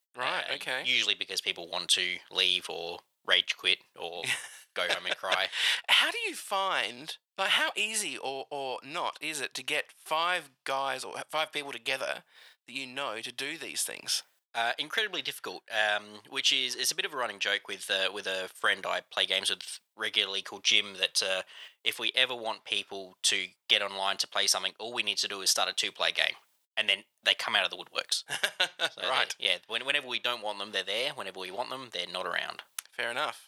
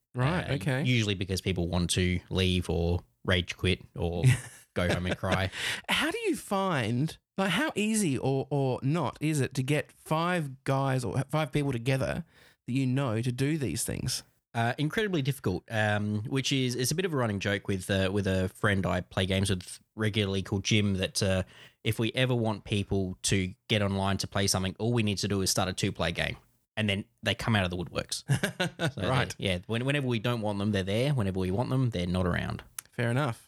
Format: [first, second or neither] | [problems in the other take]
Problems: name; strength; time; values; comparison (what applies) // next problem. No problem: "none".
second | thin; very; fading below 750 Hz